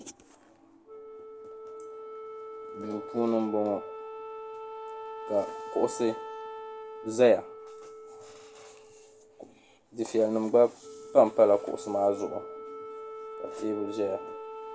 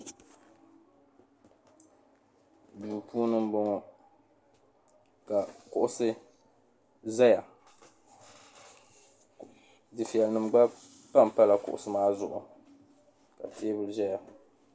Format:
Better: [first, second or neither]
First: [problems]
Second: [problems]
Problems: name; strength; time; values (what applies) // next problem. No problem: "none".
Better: second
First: background sound (Wind instrument, woodwind instrument); 12 dB below the speech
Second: none